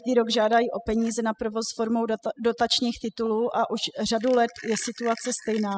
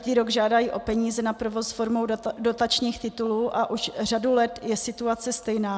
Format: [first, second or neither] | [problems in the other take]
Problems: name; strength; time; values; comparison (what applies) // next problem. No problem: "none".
second | noise reduction (classical method spectral subtraction)